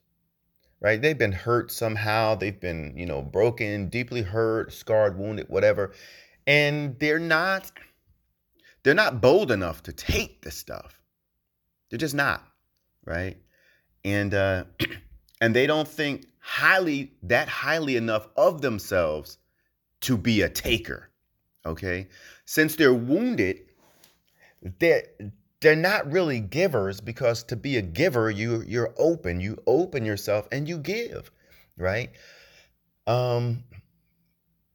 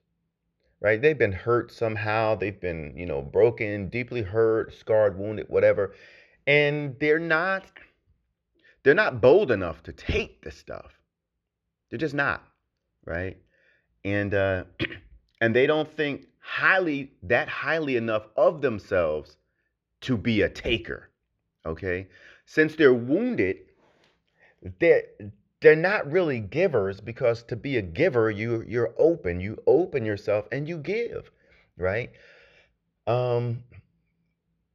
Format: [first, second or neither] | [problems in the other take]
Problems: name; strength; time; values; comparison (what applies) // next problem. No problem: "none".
first | muffled; slightly; fading above 2.5 kHz